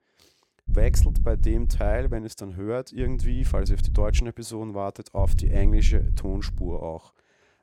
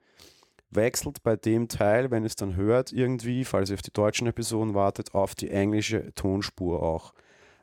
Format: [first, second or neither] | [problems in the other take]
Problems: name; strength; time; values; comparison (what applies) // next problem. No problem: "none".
second | low rumble; noticeable; from 0.5 to 2 s, from 3 to 4 s and from 5 to 7 s; 10 dB below the speech